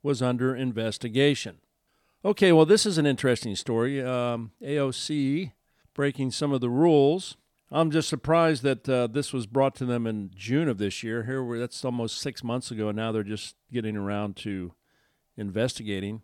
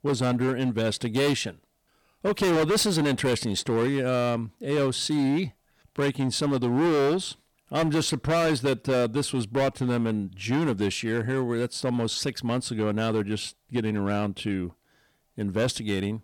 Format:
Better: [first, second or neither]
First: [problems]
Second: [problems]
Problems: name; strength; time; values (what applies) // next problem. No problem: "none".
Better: first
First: none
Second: distortion; heavy; 14% of the sound clipped